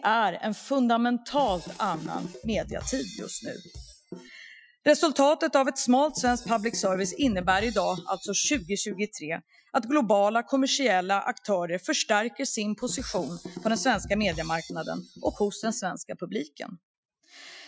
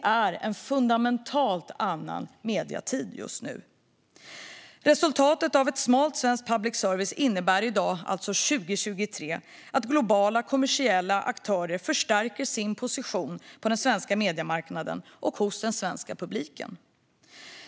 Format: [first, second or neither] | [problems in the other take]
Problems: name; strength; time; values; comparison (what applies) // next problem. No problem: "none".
second | noise reduction (classical method Wiener filter)